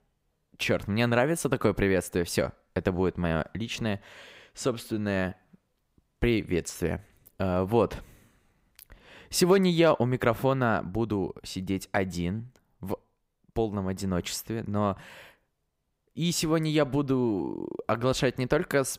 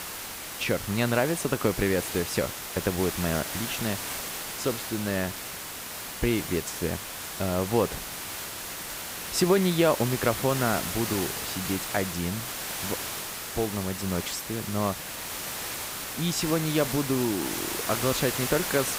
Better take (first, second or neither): first